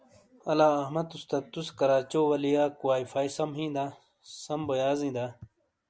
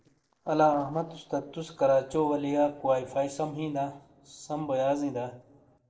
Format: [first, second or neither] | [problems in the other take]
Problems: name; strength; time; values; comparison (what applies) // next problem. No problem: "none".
first | noise reduction (neural separator model SepFormer DNS4)